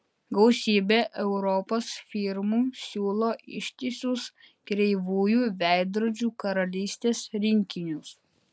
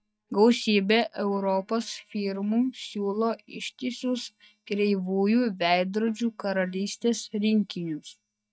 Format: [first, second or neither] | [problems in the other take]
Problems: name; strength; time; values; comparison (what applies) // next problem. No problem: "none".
first | noise reduction (neural mask model DeepFilterNet 3)